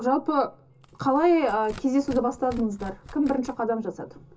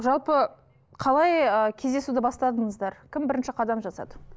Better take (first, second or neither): second